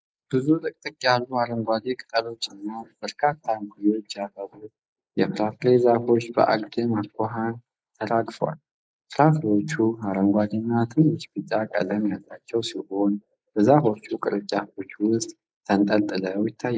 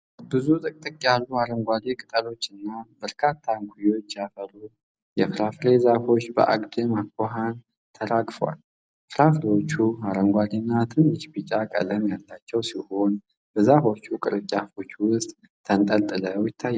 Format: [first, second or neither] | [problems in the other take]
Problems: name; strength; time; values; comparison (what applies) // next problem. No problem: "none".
second | noise reduction (neural mask model Resemble Enhance denoiser)